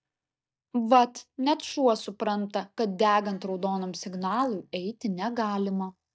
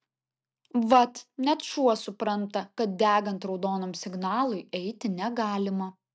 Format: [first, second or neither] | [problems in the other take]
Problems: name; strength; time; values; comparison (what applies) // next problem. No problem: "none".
second | noise reduction (neural mask model DeepFilterNet 3)